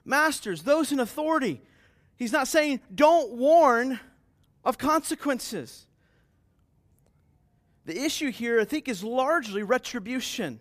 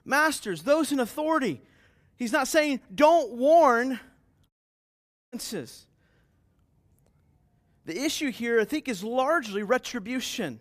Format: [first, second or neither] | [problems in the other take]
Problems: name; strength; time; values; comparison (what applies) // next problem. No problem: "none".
first | audio cutting out; at 4.5 s for 1 s